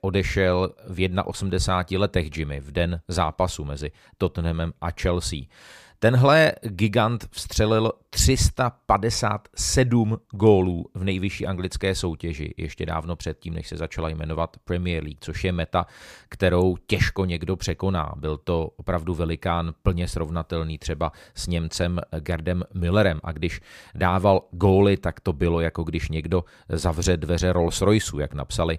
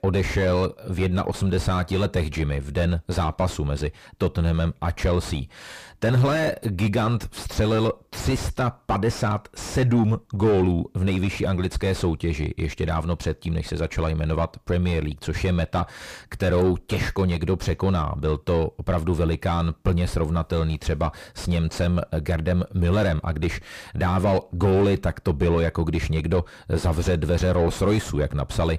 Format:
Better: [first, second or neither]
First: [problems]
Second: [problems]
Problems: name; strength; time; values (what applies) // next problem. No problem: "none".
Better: first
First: none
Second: distortion; heavy; 5 dB below the speech